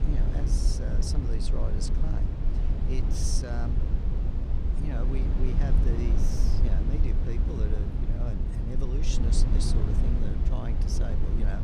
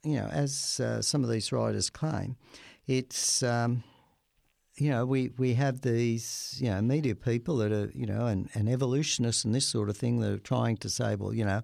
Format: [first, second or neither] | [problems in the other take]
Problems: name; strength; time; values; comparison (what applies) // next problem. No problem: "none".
second | low rumble; loud; throughout; 1 dB below the speech